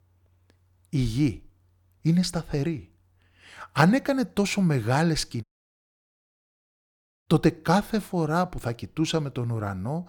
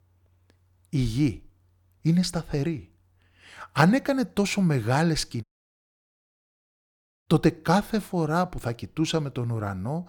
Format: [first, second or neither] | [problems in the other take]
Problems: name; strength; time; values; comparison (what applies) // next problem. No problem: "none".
neither | audio cutting out; at 5.5 s for 2 s; the same in both